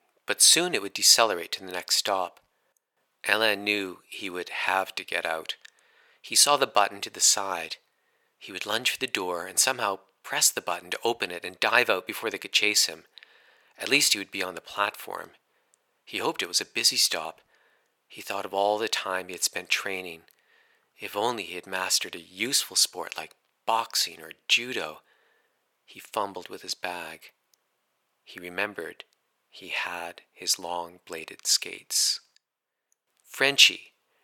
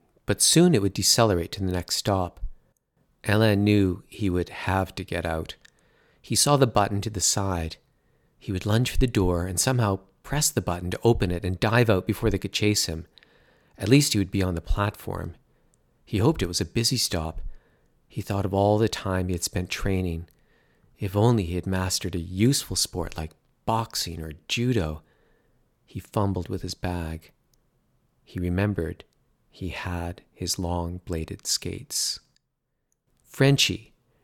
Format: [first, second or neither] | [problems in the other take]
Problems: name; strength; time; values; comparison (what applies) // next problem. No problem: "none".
second | thin; very; fading below 650 Hz